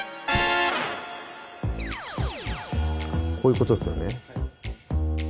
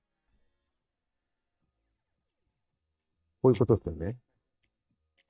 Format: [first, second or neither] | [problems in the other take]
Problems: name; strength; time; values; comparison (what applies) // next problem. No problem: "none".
first | noise reduction (neural mask model DeepFilterNet 3)